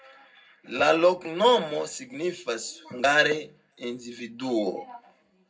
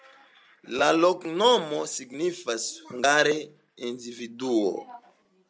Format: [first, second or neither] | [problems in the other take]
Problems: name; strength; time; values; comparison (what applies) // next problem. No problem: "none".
second | room echo; dies away in 0.3 s